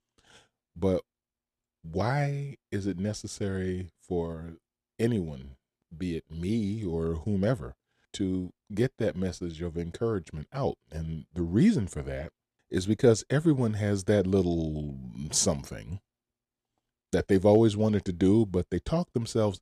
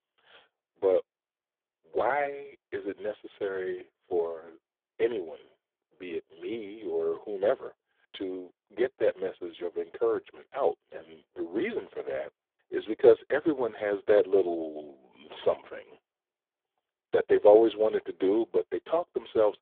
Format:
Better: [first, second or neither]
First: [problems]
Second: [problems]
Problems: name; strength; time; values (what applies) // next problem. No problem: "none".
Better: first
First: none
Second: phone-call audio; poor line